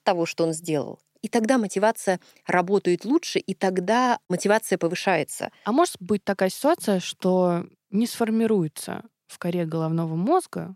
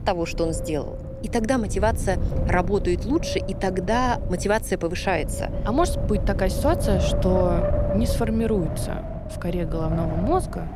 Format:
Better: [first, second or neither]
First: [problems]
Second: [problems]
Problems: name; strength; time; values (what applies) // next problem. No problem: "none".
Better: first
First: none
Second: wind noise on the microphone; heavy; 6 dB below the speech